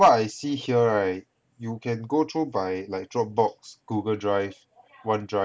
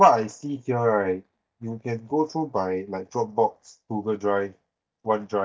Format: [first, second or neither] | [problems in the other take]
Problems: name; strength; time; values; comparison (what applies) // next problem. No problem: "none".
first | noise reduction (neural mask model DeepFilterNet 3)